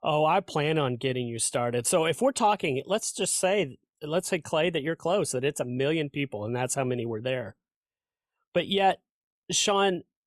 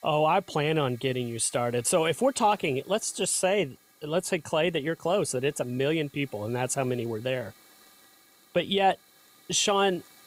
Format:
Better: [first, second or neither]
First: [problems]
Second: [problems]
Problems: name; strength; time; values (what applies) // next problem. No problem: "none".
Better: first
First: none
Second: hiss; faint; throughout; 25 dB below the speech